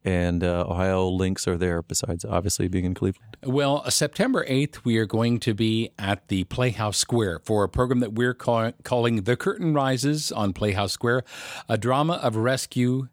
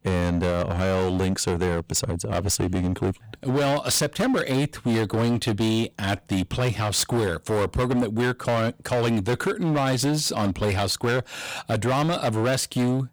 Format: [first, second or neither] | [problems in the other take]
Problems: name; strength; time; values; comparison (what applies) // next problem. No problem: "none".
first | distortion; heavy; 19% of the sound clipped